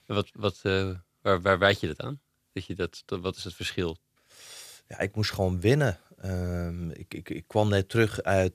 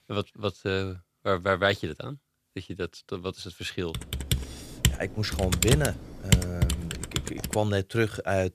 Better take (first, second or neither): first